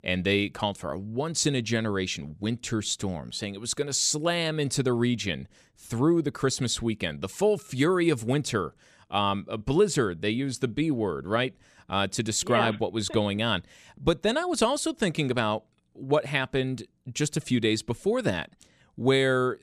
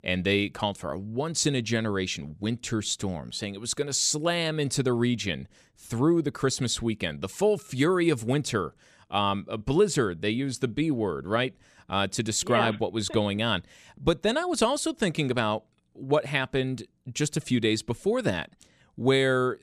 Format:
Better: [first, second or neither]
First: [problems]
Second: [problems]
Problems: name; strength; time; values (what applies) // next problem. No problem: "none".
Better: neither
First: none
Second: none